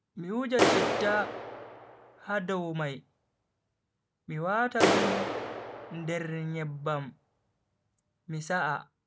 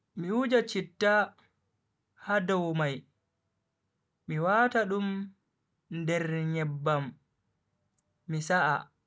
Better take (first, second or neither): second